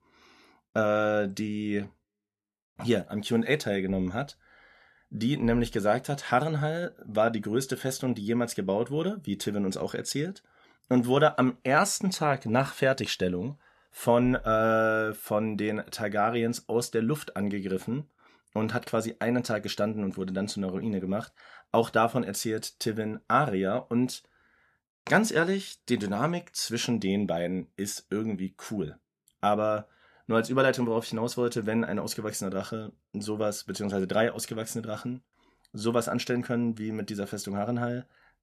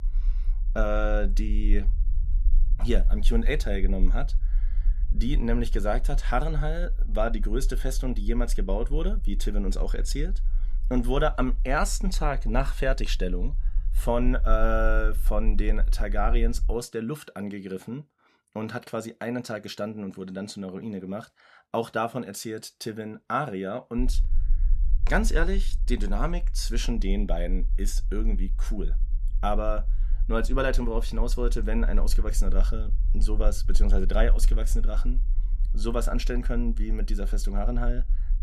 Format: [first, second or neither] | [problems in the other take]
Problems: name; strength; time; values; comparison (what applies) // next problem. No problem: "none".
first | low rumble; faint; until 17 s and from 24 s on; 25 dB below the speech